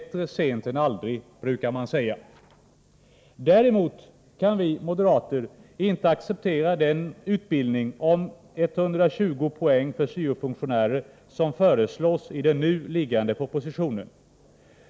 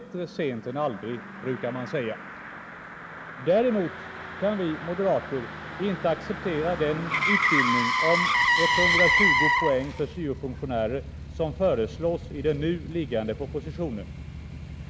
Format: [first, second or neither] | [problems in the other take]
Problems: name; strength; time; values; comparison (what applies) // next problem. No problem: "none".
first | background sound (Motor vehicle (road)); as loud as the speech